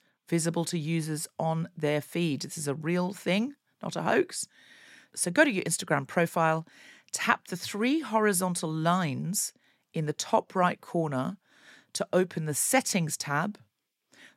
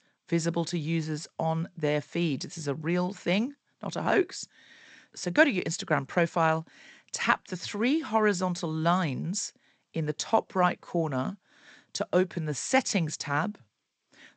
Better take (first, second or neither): first